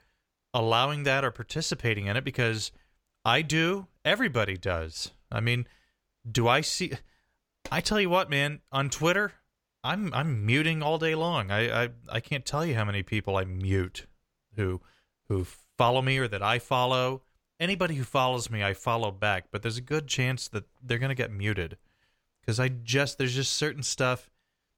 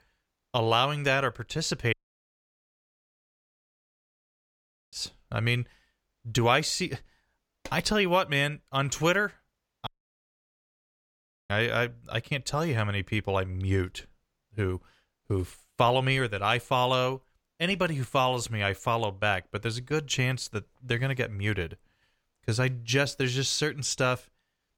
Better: first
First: none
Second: audio cutting out; at 2 s for 3 s and at 10 s for 1.5 s

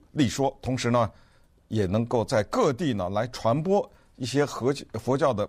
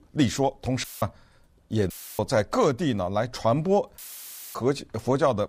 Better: first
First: none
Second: audio cutting out; filled with static; at 1 s, at 2 s and at 4 s for 0.5 s

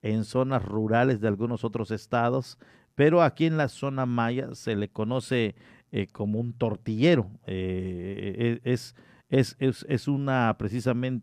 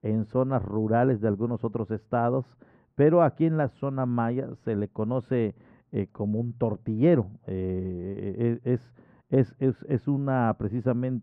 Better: first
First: none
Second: muffled; very; fading above 3 kHz

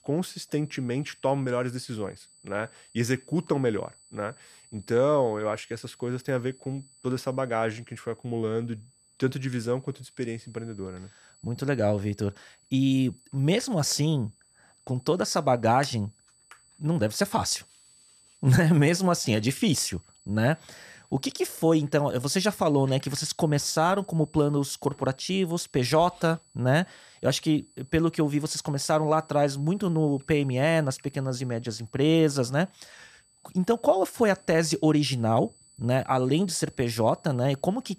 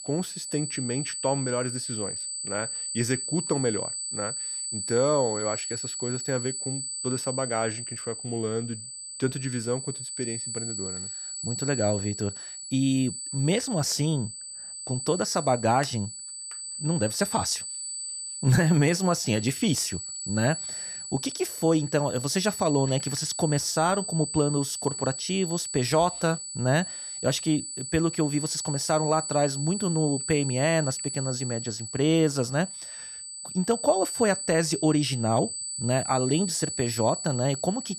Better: first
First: high-pitched whine; faint; throughout; 8 kHz, 30 dB below the speech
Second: high-pitched whine; loud; throughout; 8 kHz, 5 dB below the speech

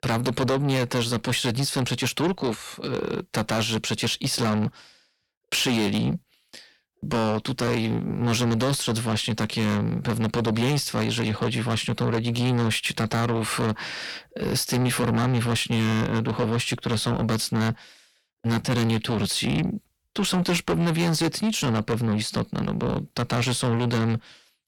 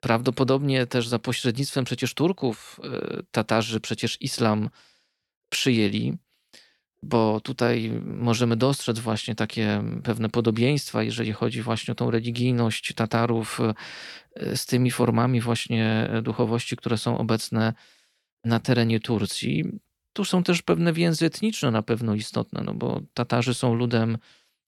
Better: second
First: distortion; heavy; 6 dB below the speech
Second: none

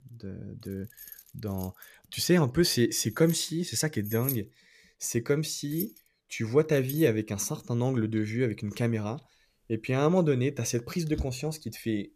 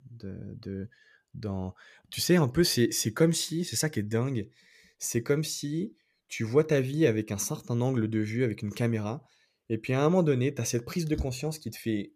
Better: second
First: household noises; noticeable; throughout; 15 dB below the speech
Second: none

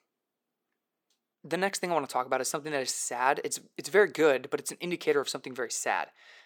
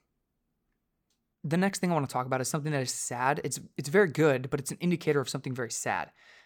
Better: second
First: thin; somewhat; fading below 400 Hz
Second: none

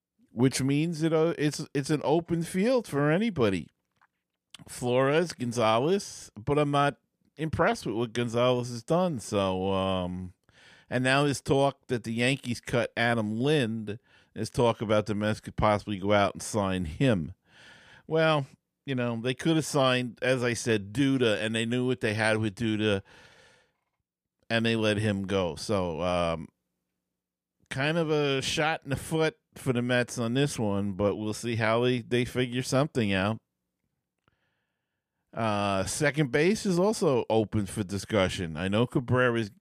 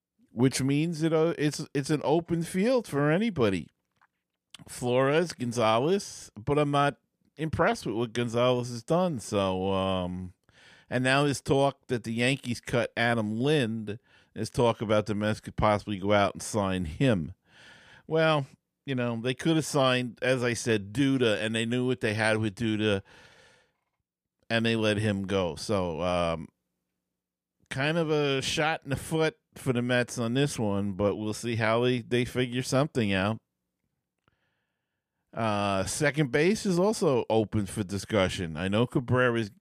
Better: neither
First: none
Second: none

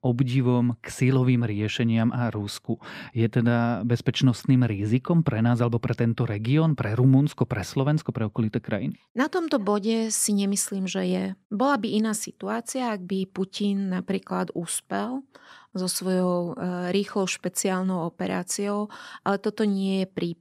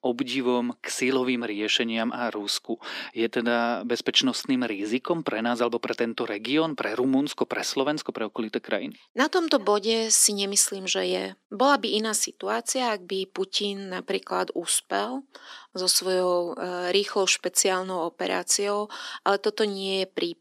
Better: first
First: none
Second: thin; somewhat; fading below 300 Hz

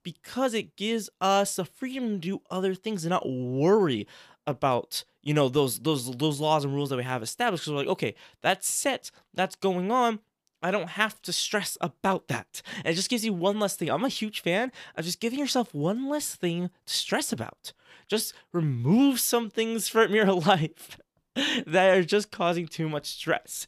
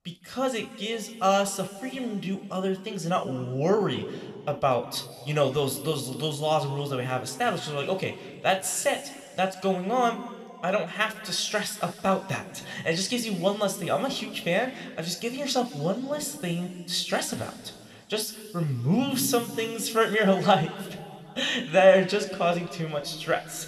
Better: first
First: none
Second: room echo; slight; dies away in 1.7 s

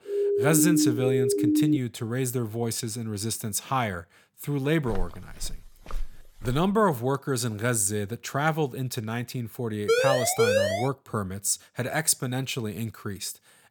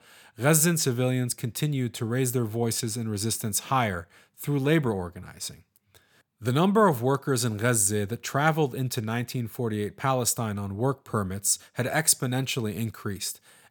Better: second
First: siren; loud; until 2 s and at 10 s; peak 5 dB above the speech // footsteps; faint; from 5 to 6.5 s; peak 10 dB below the speech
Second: none

